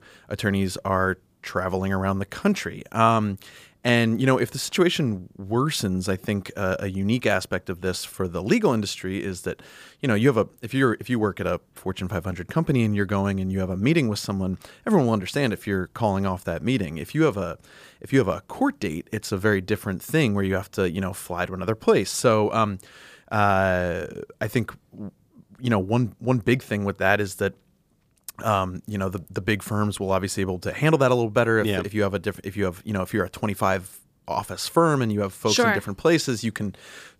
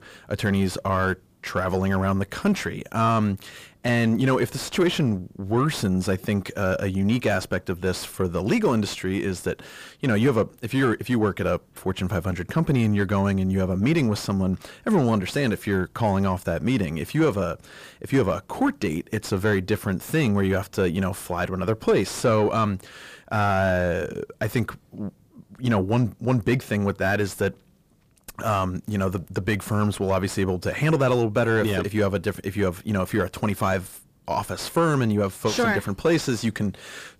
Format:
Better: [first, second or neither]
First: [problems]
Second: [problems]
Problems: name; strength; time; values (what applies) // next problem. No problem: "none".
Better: first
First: none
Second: distortion; slight; 10 dB below the speech